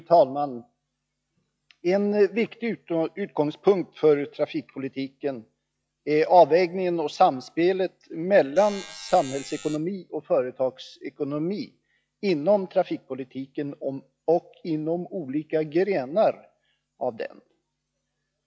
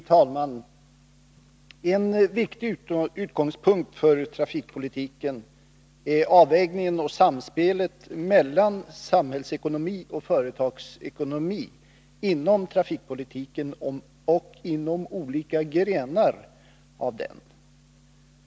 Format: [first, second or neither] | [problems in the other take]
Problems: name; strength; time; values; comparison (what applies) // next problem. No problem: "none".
second | noise reduction (classical method log-MMSE)